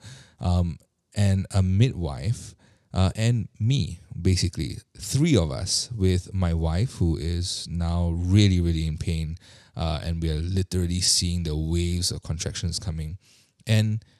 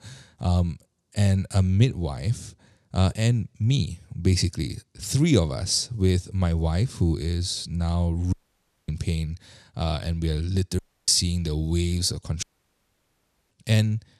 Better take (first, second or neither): first